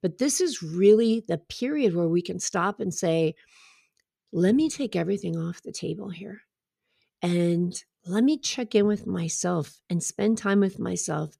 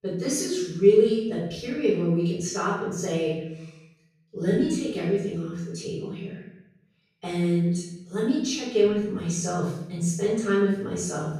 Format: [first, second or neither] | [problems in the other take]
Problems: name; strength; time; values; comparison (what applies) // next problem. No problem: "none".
first | room echo; noticeable; dies away in 0.8 s // off-mic speech; far